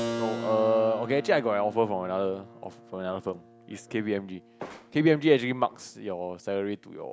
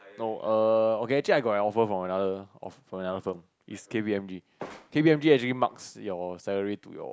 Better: second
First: background sound (Keyboard (musical)); 13 dB below the speech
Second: none

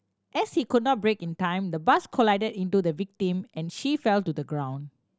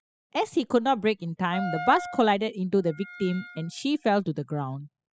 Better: first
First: none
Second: noise reduction (classical method spectral subtraction)

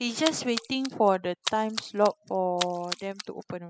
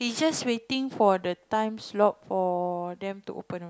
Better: second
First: noise reduction (classical method spectral subtraction)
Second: none

